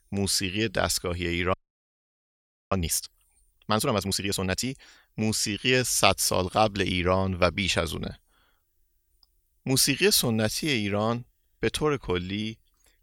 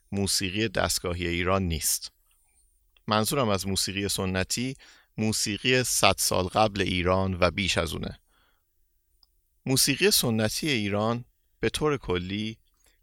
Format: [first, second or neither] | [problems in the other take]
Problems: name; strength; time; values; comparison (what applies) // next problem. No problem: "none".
second | audio freezing; at 1.5 s for 1 s